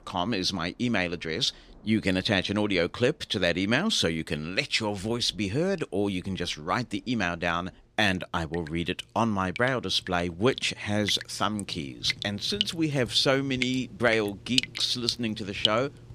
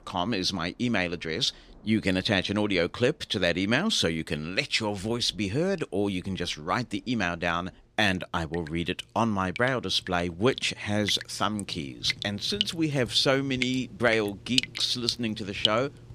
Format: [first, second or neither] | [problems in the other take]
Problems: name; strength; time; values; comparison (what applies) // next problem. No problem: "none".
neither | rain or running water; loud; throughout; 6 dB below the speech; the same in both